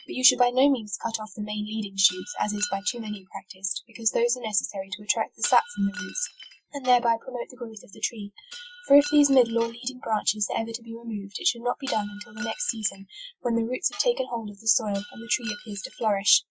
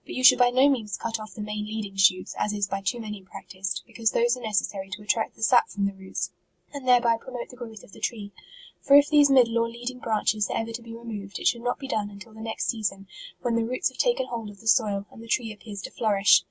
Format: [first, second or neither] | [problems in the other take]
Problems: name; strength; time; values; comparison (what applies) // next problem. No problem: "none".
second | noise reduction (classical method Wiener filter)